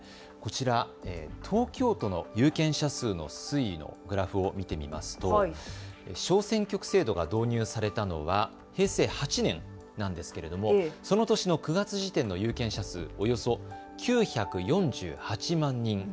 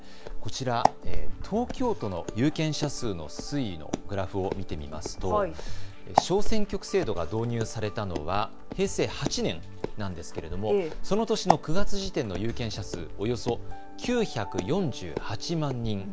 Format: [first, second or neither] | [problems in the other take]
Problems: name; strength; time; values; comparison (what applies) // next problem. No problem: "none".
first | background sound (Walk, footsteps); 3 dB above the speech